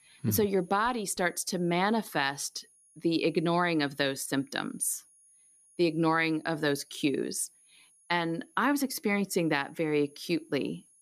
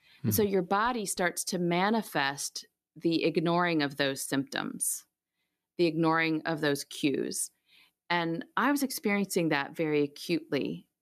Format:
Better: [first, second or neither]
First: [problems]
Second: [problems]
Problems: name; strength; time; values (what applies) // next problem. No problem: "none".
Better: second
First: high-pitched whine; faint; throughout; 10.5 kHz, 30 dB below the speech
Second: none